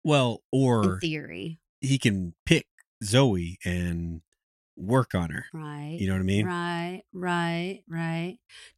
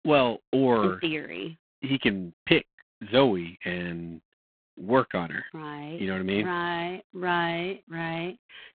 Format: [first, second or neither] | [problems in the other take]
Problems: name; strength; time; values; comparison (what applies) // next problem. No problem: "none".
first | phone-call audio; poor line